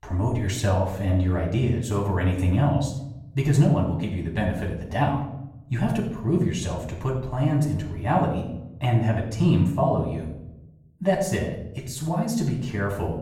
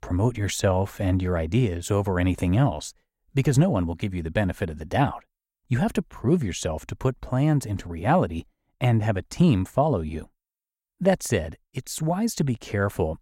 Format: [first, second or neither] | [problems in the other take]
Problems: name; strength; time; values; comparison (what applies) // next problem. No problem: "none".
second | off-mic speech; far // room echo; slight; dies away in 0.7 s